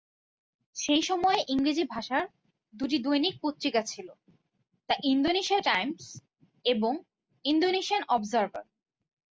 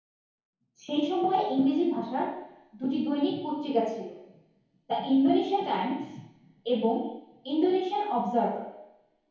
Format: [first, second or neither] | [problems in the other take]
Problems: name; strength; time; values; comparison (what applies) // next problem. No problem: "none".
first | room echo; dies away in 0.9 s